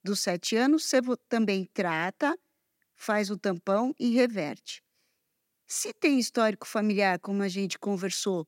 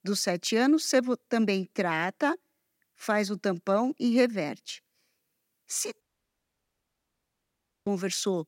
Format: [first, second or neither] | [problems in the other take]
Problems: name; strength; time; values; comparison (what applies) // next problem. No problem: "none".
first | audio cutting out; at 6 s for 2 s